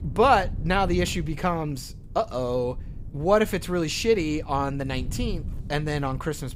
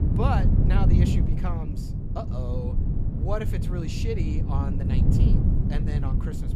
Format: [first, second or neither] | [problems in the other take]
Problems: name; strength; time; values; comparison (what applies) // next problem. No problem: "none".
first | low rumble; loud; throughout; 1 dB below the speech; faint in the first